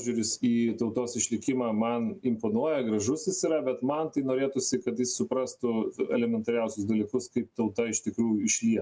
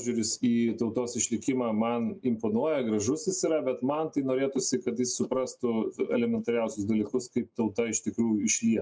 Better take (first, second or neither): first